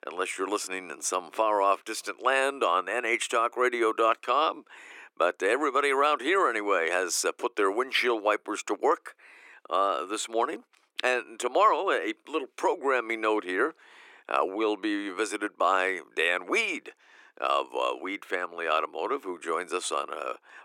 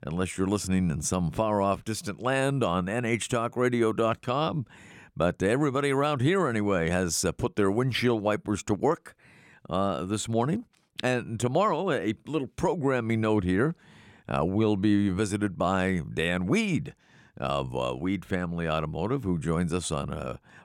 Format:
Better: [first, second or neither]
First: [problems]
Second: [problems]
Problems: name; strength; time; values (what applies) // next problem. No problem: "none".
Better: second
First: thin; very; fading below 350 Hz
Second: none